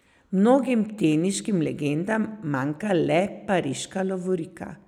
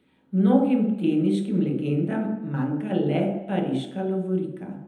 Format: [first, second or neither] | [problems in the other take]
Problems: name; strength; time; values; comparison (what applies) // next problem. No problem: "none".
first | room echo; dies away in 0.8 s